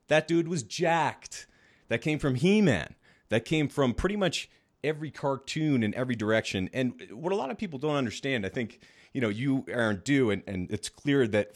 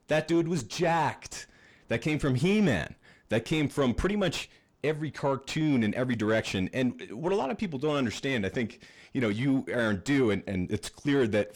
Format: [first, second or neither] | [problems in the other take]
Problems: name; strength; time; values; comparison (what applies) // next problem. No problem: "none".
first | distortion; slight; 10 dB below the speech